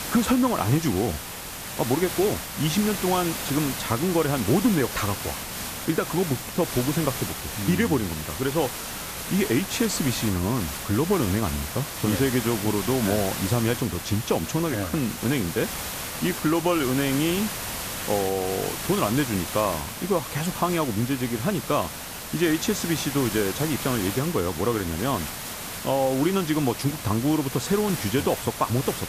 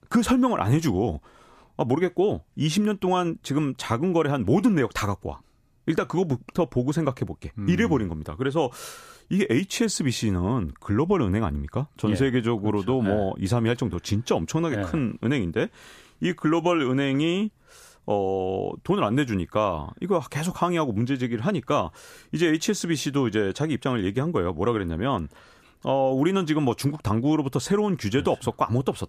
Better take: second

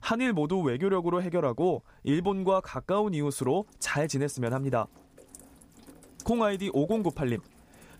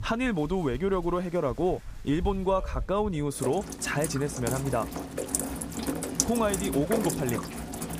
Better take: first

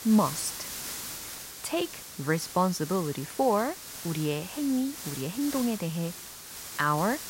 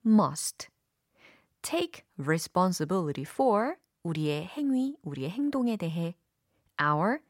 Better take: second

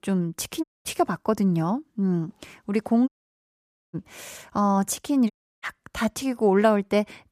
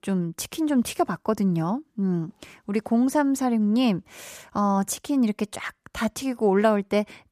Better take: second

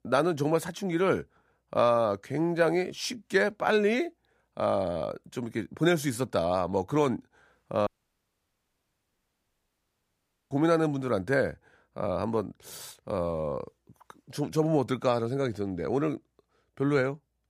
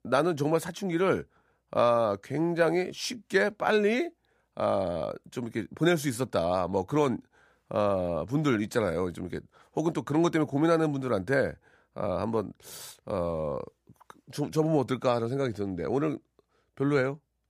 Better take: second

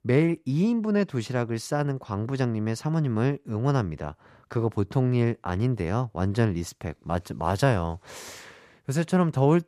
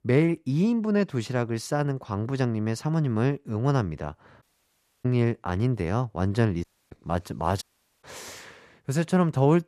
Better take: first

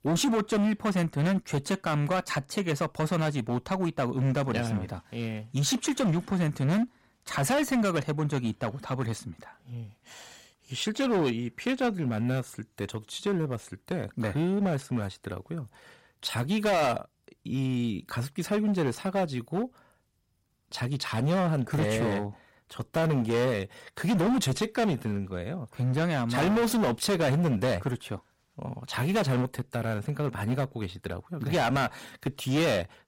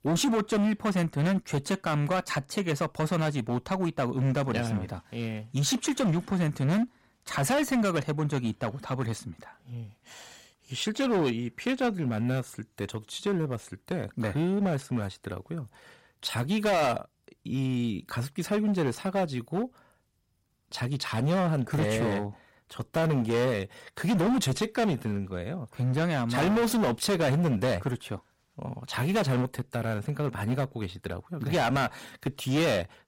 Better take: neither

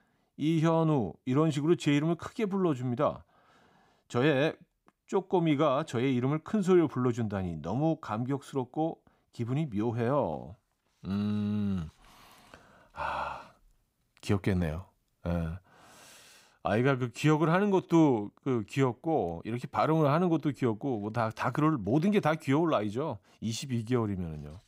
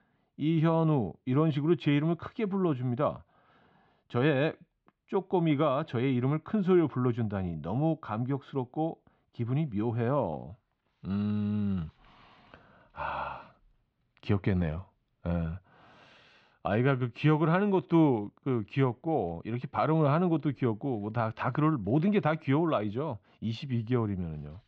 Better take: first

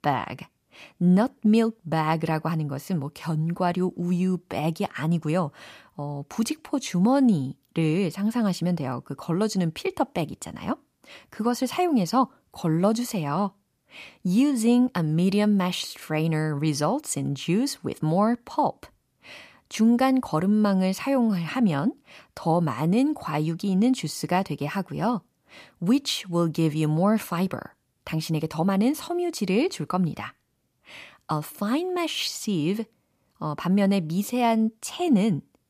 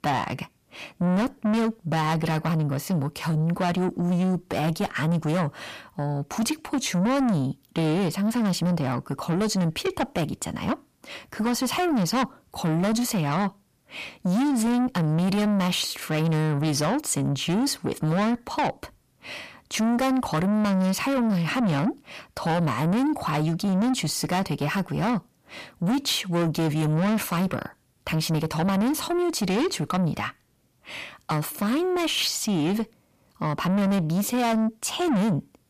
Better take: first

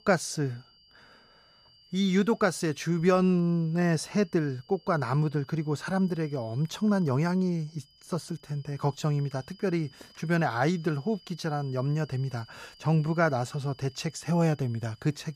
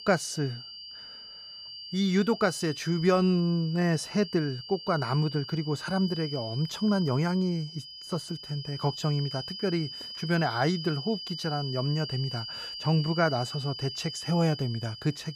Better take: first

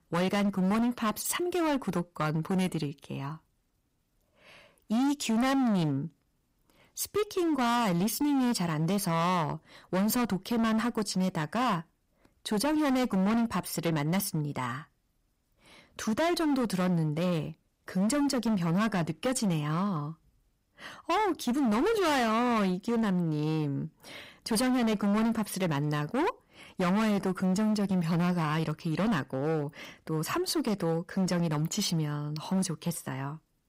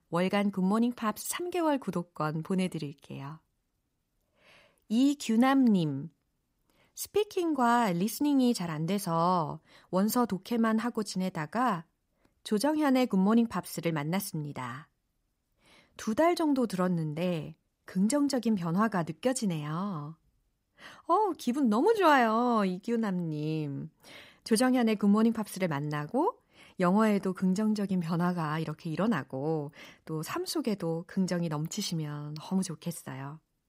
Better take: second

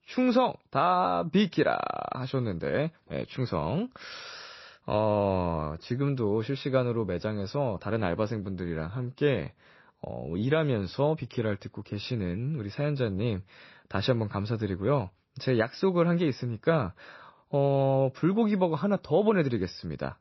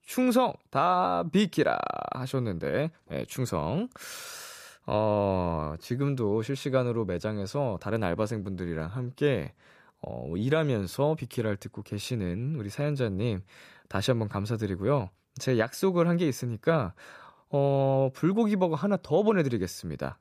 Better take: second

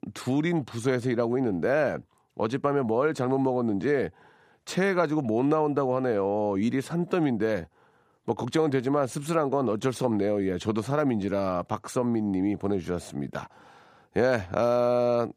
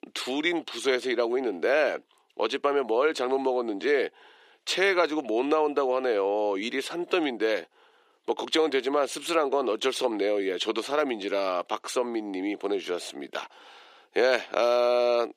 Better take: first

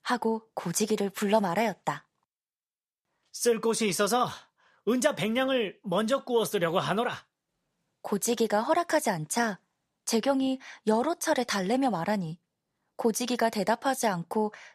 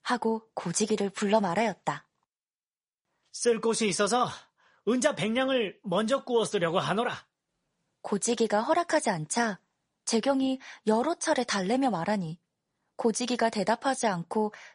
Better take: first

